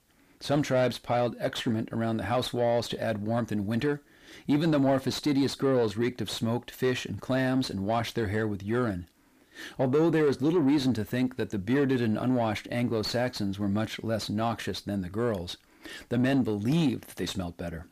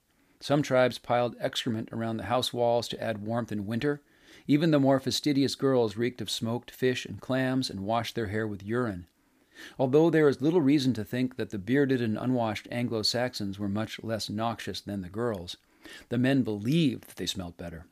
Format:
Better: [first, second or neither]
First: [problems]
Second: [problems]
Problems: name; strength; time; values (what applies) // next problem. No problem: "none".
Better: second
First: distortion; slight; 10 dB below the speech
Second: none